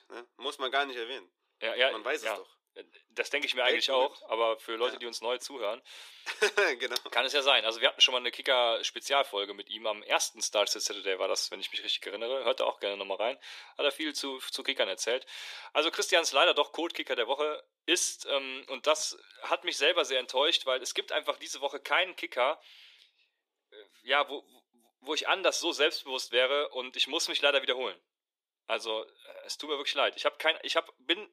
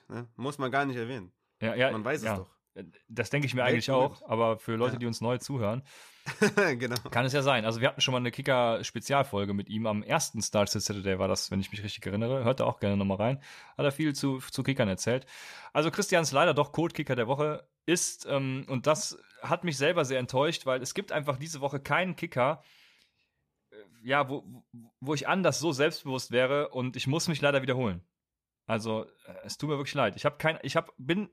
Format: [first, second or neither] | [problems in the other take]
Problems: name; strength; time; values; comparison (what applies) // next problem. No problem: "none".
second | thin; very; fading below 350 Hz